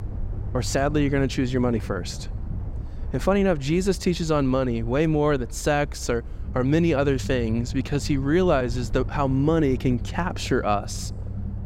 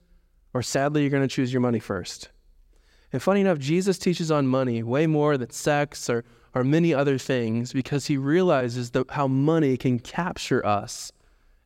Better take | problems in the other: second | low rumble; faint; throughout; 20 dB below the speech

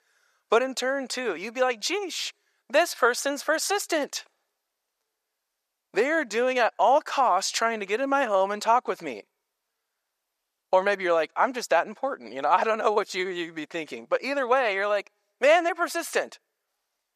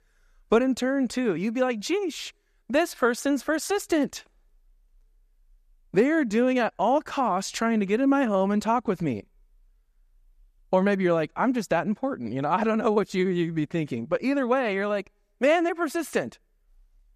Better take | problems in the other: second | thin; very; fading below 650 Hz

